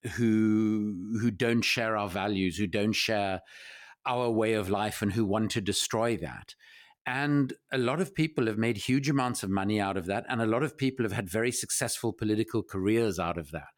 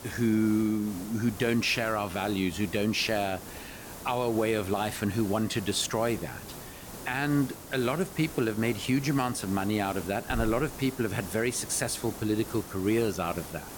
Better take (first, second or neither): first